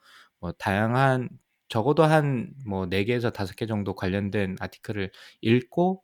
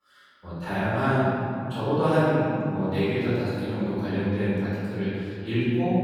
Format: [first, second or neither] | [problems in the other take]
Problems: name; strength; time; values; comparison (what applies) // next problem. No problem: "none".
first | off-mic speech; far // room echo; strong; dies away in 3 s